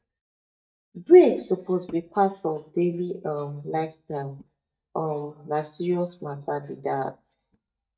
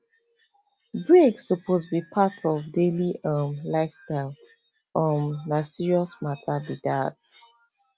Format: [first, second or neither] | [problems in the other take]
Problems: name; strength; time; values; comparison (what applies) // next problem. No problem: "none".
second | noise reduction (neural mask model DeepFilterNet 3)